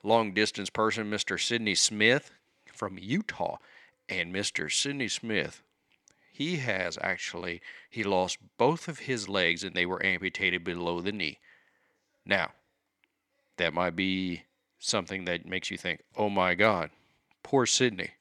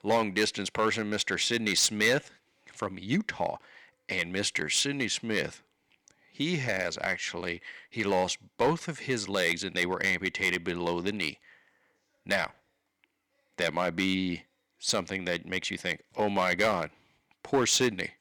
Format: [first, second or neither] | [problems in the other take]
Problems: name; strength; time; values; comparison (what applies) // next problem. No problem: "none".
first | distortion; slight; 2% of the sound clipped